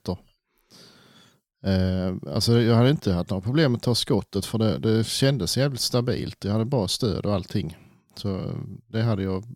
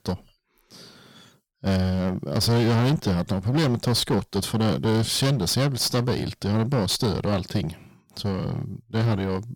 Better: first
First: none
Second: distortion; heavy; 15% of the sound clipped

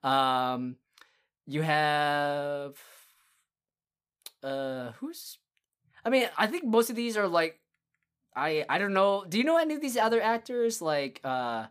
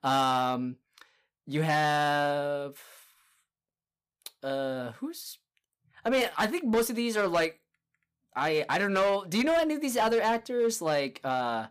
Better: first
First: none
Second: distortion; slight; 5% of the sound clipped

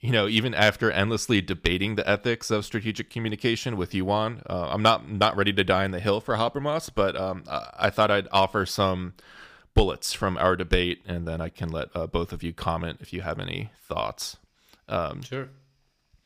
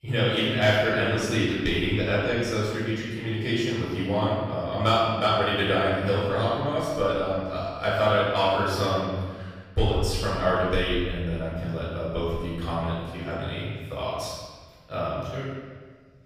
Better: first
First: none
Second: off-mic speech; far // room echo; strong; dies away in 1.4 s

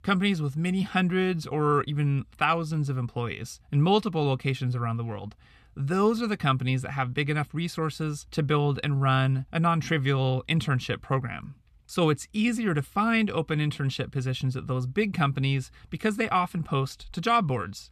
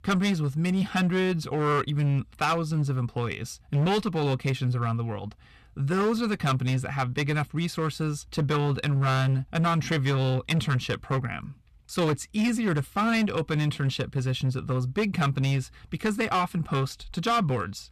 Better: first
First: none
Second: distortion; slight; 10% of the sound clipped

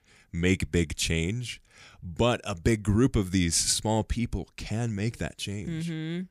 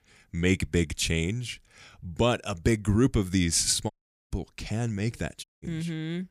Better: first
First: none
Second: audio cutting out; at 4 s and at 5.5 s

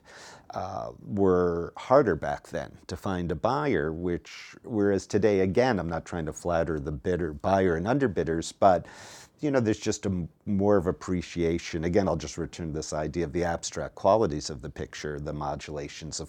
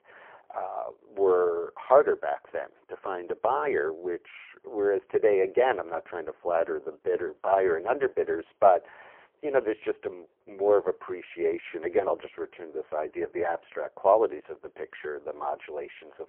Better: first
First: none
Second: phone-call audio; poor line

